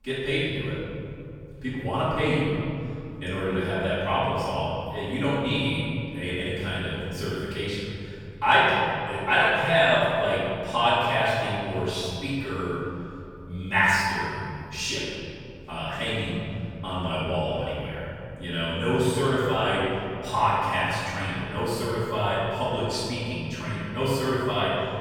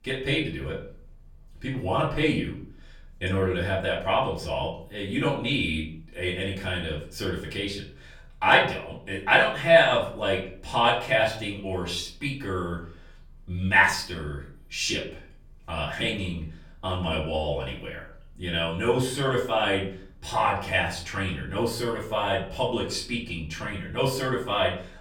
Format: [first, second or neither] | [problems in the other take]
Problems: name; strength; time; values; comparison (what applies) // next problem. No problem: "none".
second | room echo; strong; dies away in 2.6 s; slight in the second // off-mic speech; far; far in the second